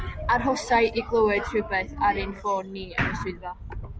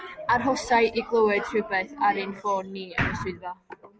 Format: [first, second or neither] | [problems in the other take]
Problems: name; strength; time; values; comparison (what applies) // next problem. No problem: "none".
second | background sound (Rattle); 12 dB below the speech